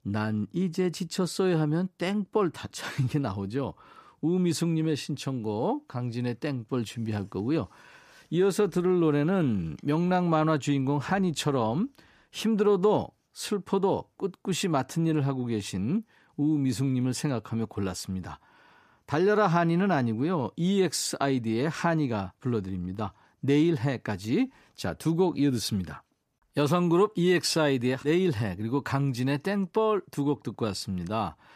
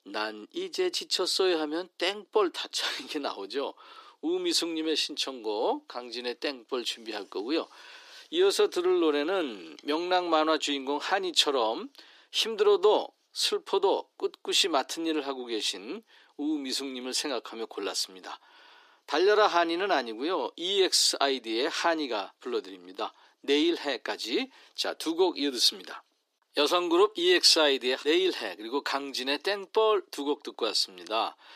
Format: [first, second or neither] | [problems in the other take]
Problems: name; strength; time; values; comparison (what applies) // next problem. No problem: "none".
first | thin; somewhat; fading below 350 Hz